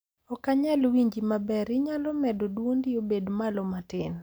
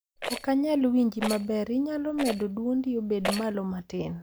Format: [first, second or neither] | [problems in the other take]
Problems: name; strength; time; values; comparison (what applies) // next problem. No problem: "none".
first | background sound (Rattle); 11 dB below the speech